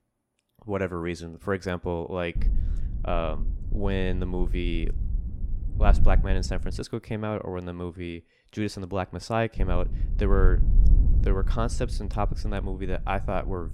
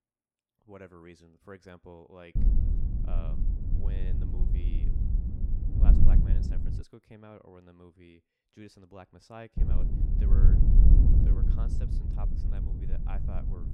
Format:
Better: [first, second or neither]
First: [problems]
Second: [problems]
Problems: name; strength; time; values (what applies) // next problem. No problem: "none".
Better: first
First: wind noise on the microphone; occasional gusts; from 2.5 to 7 s and from 9.5 s on; 15 dB below the speech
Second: wind noise on the microphone; heavy; from 2.5 to 7 s and from 9.5 s on; 5 dB above the speech